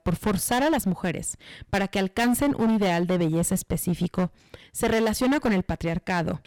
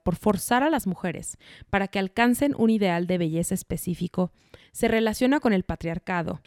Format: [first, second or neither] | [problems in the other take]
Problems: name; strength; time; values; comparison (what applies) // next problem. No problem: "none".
second | distortion; heavy; 15% of the sound clipped